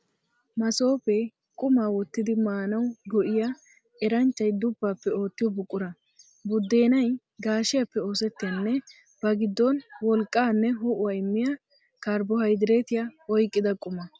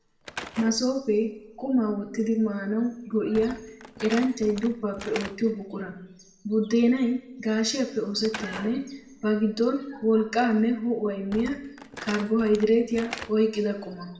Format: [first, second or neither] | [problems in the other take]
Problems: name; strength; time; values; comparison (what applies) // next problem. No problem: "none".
first | background sound (Slam / Wood); 17 dB below the speech // room echo; dies away in 0.6 s